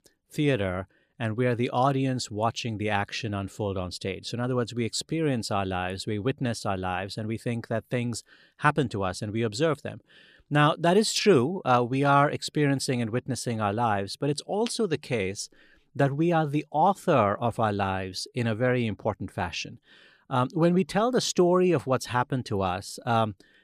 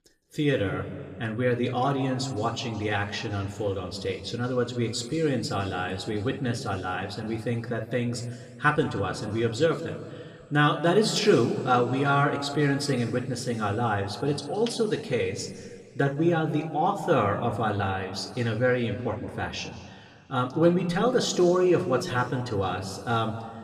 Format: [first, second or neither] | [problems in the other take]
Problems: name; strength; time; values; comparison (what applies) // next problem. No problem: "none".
first | room echo; slight; dies away in 1.9 s // off-mic speech; somewhat distant